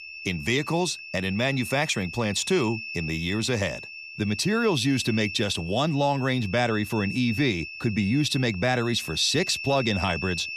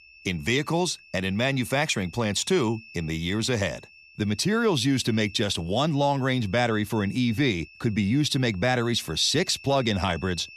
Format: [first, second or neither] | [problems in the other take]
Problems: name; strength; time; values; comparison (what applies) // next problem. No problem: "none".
second | high-pitched whine; loud; throughout; 2.5 kHz, 10 dB below the speech; faint in the second